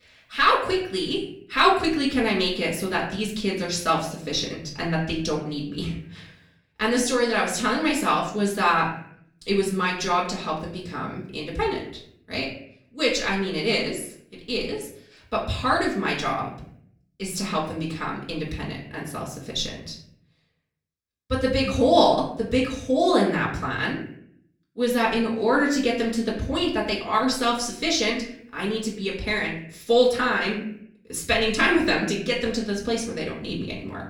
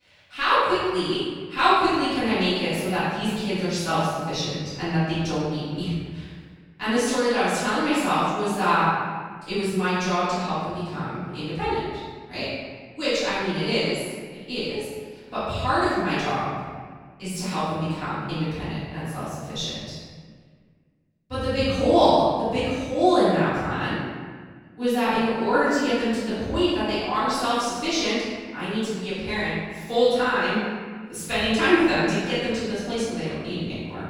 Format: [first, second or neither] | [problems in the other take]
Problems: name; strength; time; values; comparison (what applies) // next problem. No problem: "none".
first | room echo; strong; dies away in 1.5 s; slight in the first // off-mic speech; far; far in the first